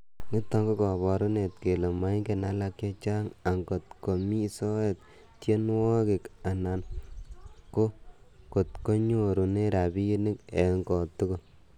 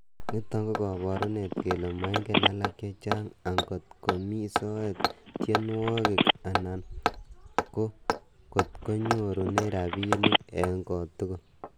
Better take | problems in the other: first | background sound (Telephone + Hammer); as loud as the speech

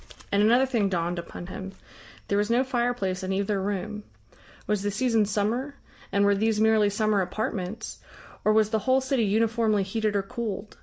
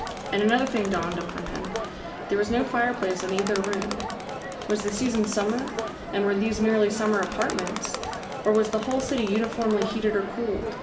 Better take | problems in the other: first | background sound (Crowd); 7 dB below the speech // room echo; dies away in 2.1 s

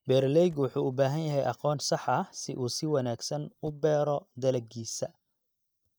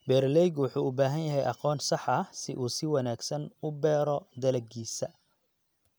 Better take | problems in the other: second | noise reduction (neural mask model DeepFilterNet 3)

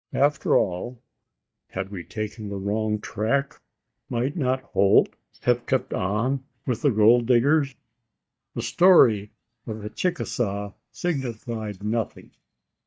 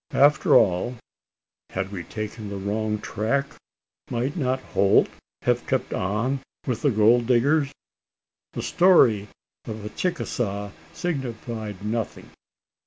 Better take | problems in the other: second | noise reduction (neural mask model DeepFilterNet 3)

